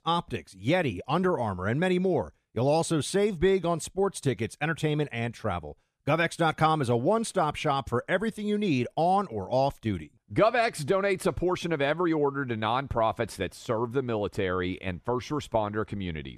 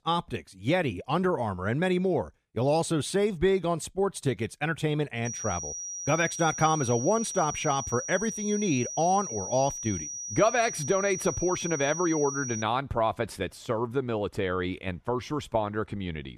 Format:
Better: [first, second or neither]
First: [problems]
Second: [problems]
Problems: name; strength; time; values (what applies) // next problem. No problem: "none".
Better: first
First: none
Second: high-pitched whine; loud; from 5.5 to 13 s; 6 kHz, 6 dB below the speech